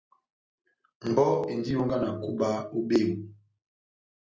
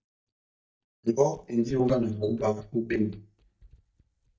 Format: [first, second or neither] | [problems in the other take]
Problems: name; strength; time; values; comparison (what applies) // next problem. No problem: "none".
first | noise reduction (neural mask model DeepFilterNet 3)